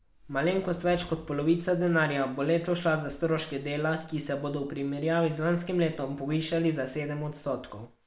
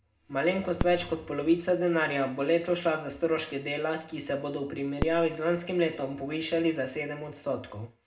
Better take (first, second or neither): first